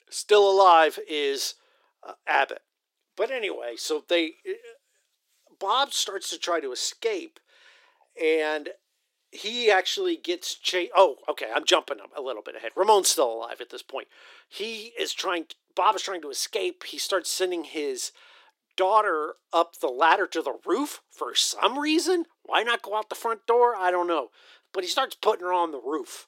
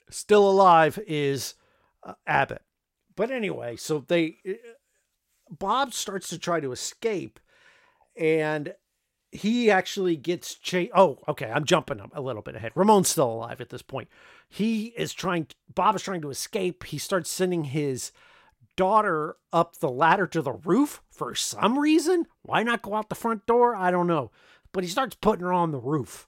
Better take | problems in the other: second | thin; somewhat; fading below 350 Hz

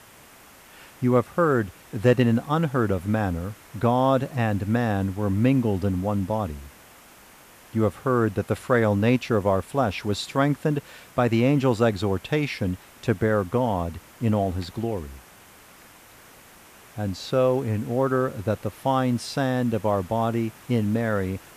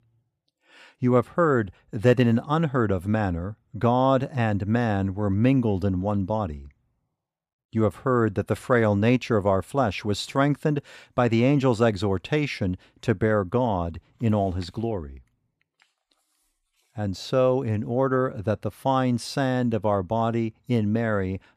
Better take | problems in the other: second | hiss; faint; throughout; 25 dB below the speech

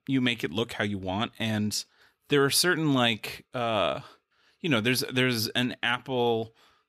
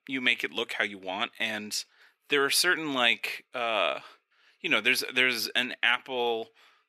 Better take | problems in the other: first | thin; somewhat; fading below 350 Hz

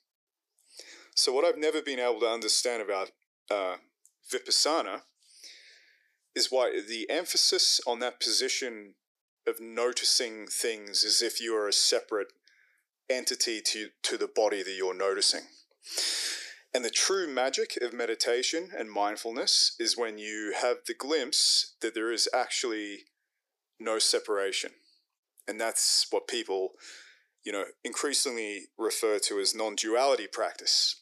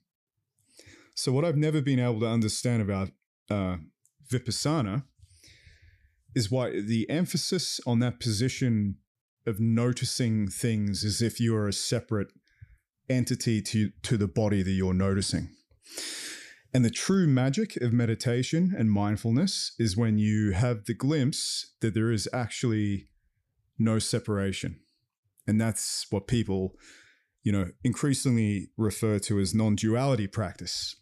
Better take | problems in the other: second | thin; very; fading below 350 Hz

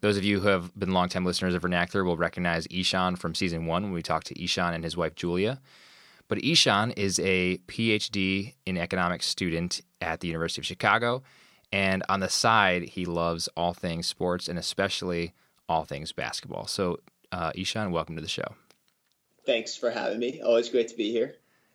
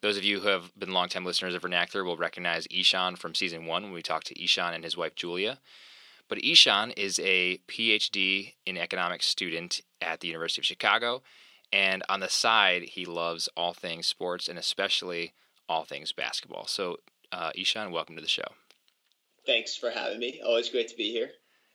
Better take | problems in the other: first | thin; somewhat; fading below 300 Hz

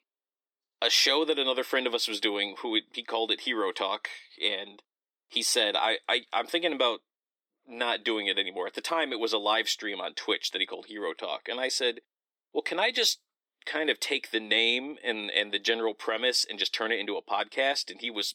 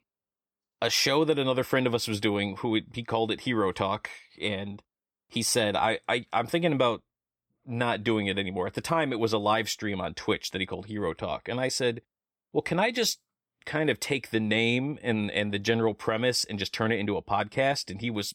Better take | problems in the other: second | thin; somewhat; fading below 300 Hz

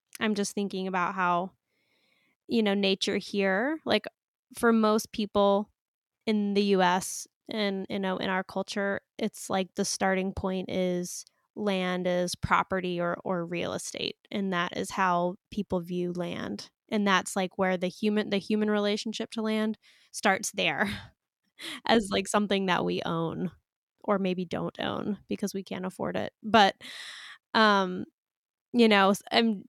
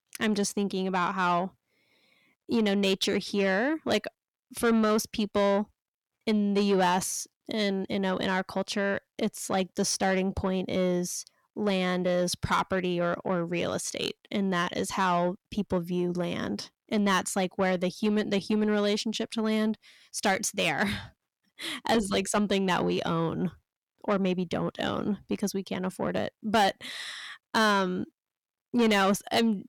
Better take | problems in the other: first | distortion; slight; 10 dB below the speech

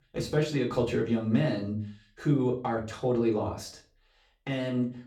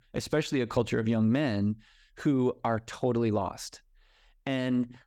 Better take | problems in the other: second | off-mic speech; far // room echo; very slight; dies away in 0.3 s

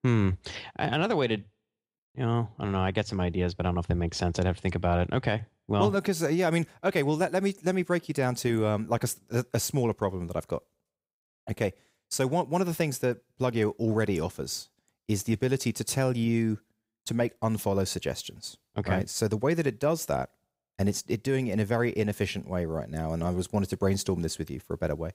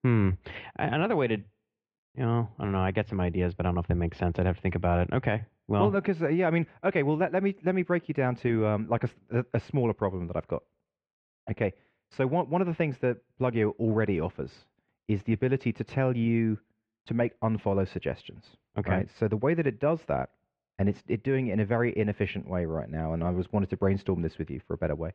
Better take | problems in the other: first | muffled; very; fading above 2.5 kHz

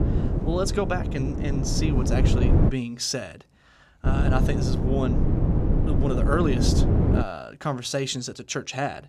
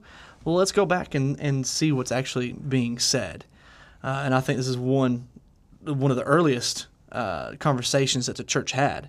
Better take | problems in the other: second | wind noise on the microphone; heavy; until 2.5 s and from 4 to 7 s; 3 dB below the speech

